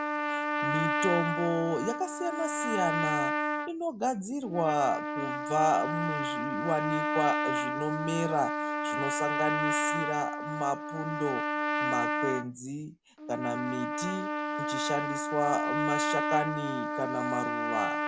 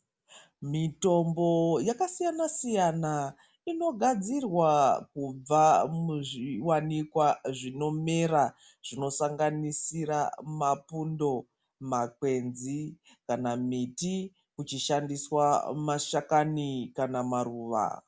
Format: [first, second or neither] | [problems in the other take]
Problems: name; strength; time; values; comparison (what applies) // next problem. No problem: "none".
second | background sound (Trumpet); 1 dB above the speech